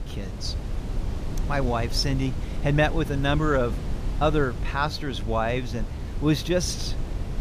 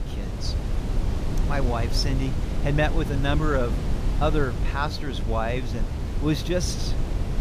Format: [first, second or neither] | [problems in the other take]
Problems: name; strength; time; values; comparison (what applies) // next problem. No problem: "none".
first | wind noise on the microphone; heavy; 9 dB below the speech; occasional gusts in the first